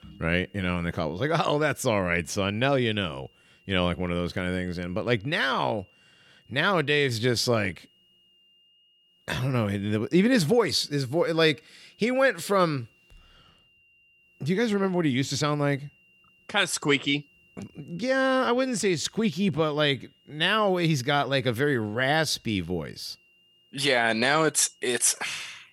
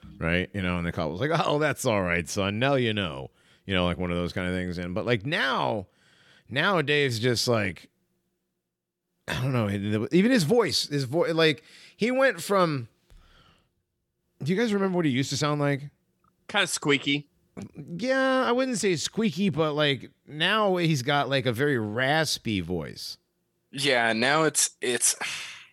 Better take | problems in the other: second | high-pitched whine; faint; throughout; 3 kHz, 35 dB below the speech

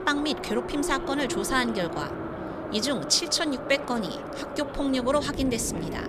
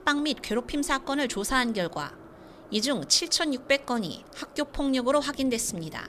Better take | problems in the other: second | train or aircraft noise; loud; throughout; 7 dB below the speech; faint in the second

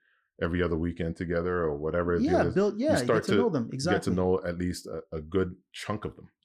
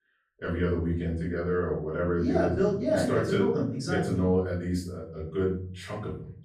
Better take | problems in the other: first | room echo; noticeable; dies away in 0.6 s // off-mic speech; far

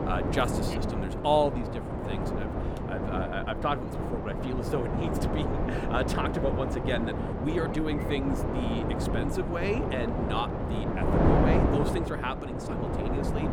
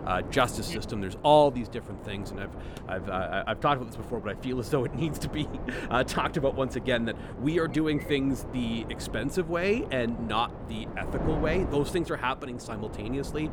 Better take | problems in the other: second | wind noise on the microphone; heavy; 1 dB below the speech; occasional gusts in the second

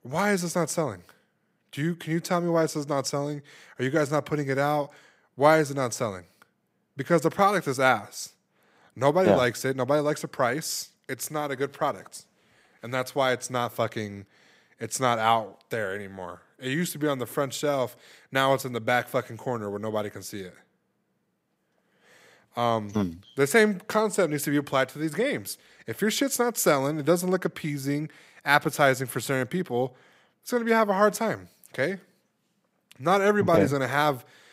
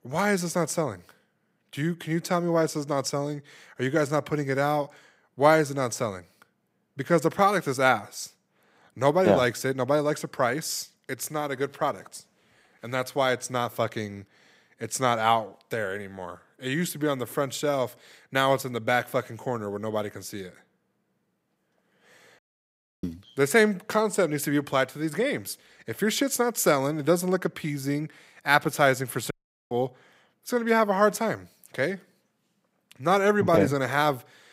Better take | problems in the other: first | audio cutting out; at 22 s for 0.5 s and at 29 s

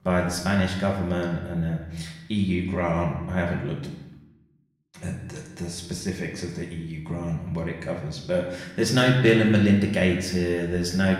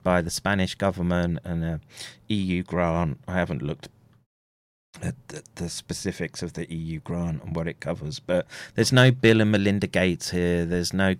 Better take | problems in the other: second | room echo; noticeable; dies away in 0.8 s // off-mic speech; far

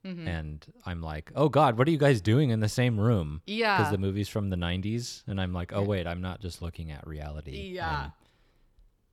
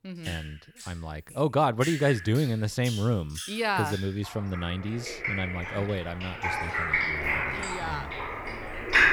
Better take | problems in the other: first | rain or running water; loud; throughout; 2 dB below the speech

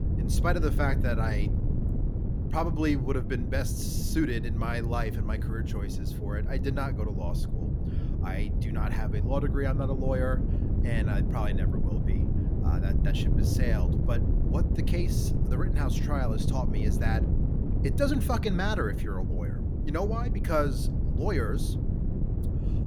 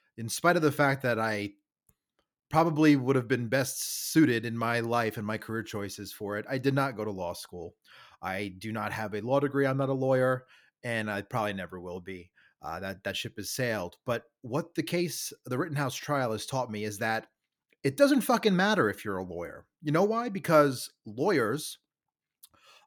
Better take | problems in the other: second | wind noise on the microphone; heavy; 6 dB below the speech

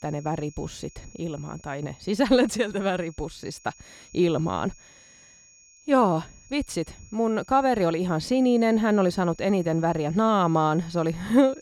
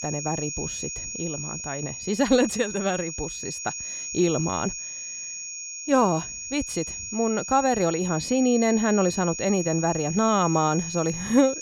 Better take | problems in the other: first | high-pitched whine; loud; throughout; 6.5 kHz, 7 dB below the speech; faint in the first

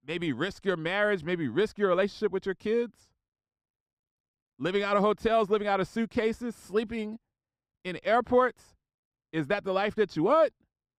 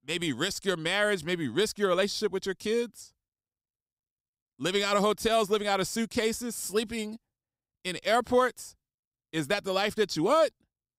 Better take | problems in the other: second | muffled; slightly; fading above 4 kHz

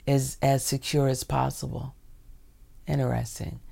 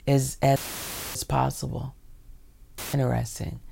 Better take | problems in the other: first | audio cutting out; filled with static; at 0.5 s for 0.5 s and at 3 s

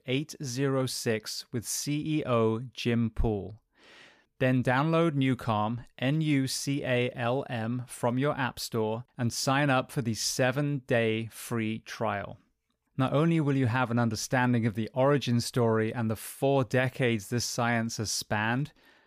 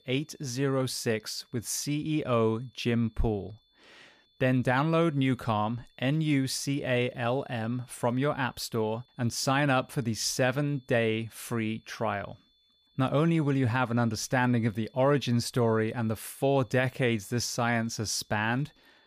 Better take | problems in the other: first | high-pitched whine; faint; throughout; 3.5 kHz, 35 dB below the speech

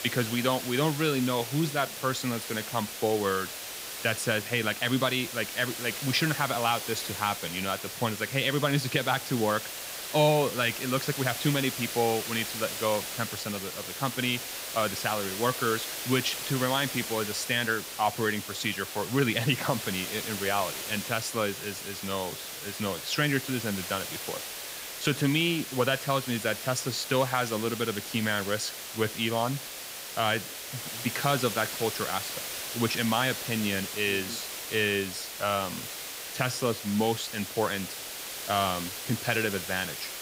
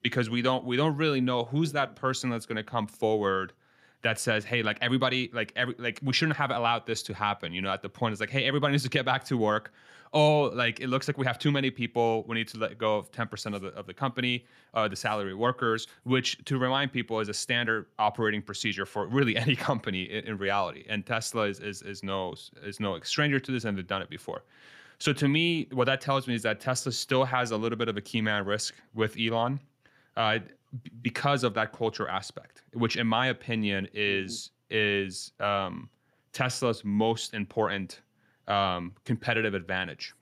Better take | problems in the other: second | hiss; loud; throughout; 6 dB below the speech

